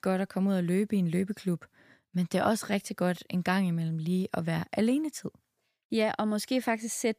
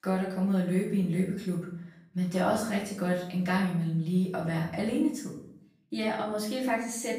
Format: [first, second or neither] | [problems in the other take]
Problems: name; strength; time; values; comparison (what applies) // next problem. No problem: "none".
first | off-mic speech; far // room echo; noticeable; dies away in 0.5 s